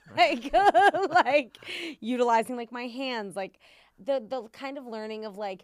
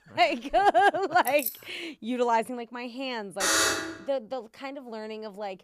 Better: first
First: none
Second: jangling keys; noticeable; at 1.5 s; peak 5 dB below the speech // alarm; loud; at 3.5 s; peak 5 dB above the speech

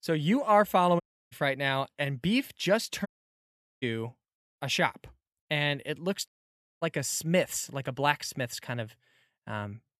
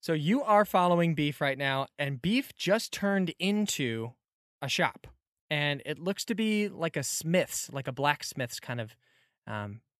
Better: second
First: audio cutting out; at 1 s, at 3 s for 1 s and at 6.5 s for 0.5 s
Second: none

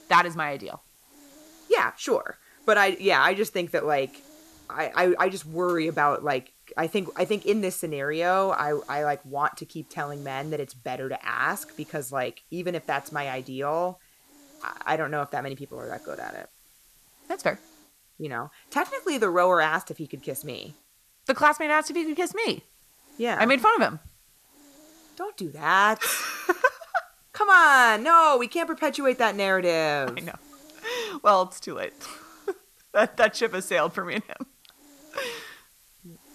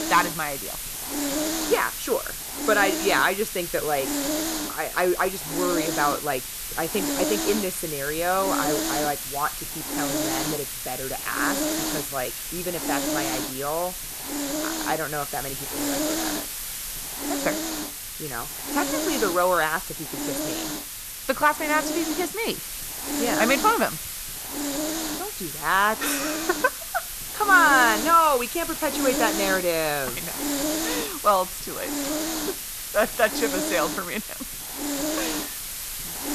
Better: first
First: hiss; faint; throughout; 30 dB below the speech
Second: hiss; loud; throughout; 3 dB below the speech

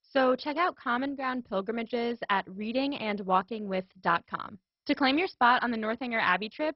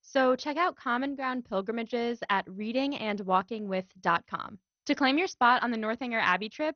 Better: second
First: garbled, watery; badly; nothing above 5.5 kHz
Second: garbled, watery; slightly; nothing above 6.5 kHz

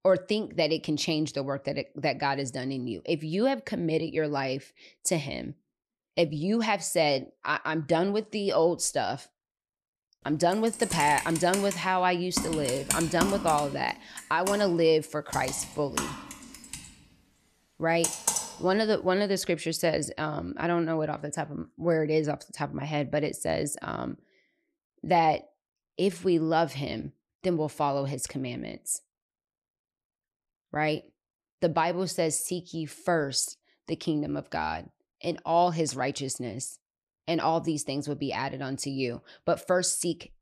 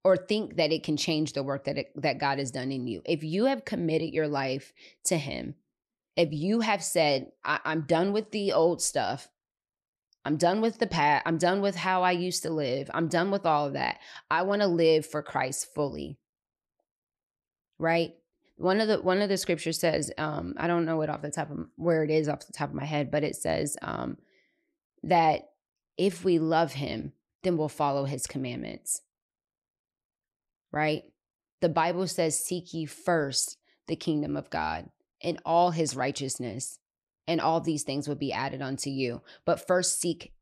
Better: second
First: keyboard typing; loud; from 11 to 19 s; peak 2 dB above the speech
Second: none

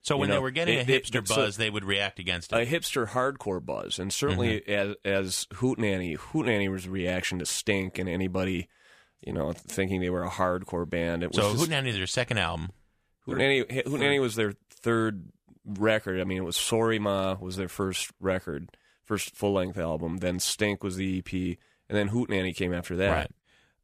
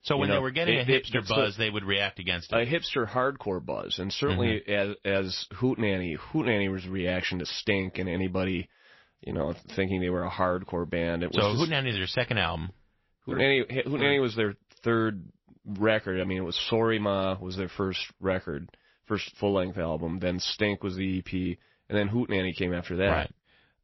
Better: first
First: none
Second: garbled, watery; slightly; nothing above 5.5 kHz

